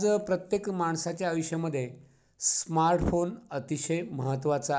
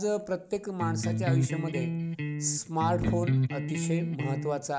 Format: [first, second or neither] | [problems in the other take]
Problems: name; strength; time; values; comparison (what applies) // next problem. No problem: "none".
first | background sound (Electric guitar); 2 dB above the speech